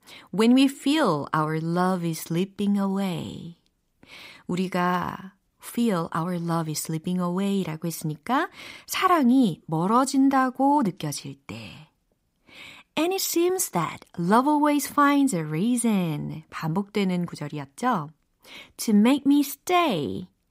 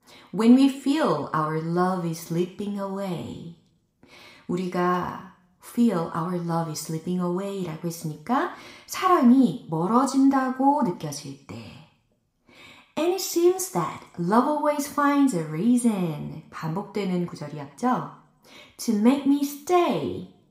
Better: first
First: none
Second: room echo; very slight; dies away in 0.5 s

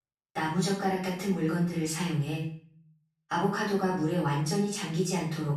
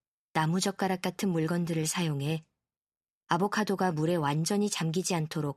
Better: second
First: off-mic speech; far // room echo; noticeable; dies away in 0.5 s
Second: none

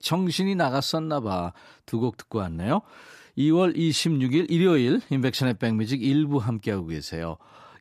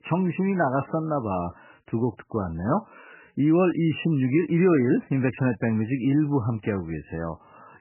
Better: first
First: none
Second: garbled, watery; badly; nothing above 3 kHz

